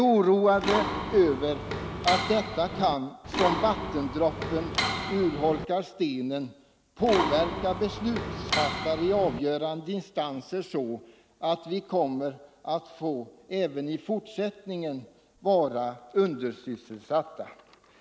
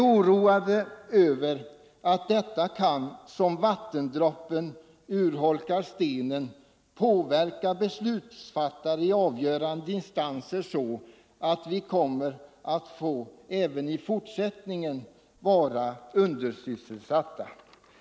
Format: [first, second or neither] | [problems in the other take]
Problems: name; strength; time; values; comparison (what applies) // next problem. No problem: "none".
second | background sound (Mechanisms); 3 dB below the speech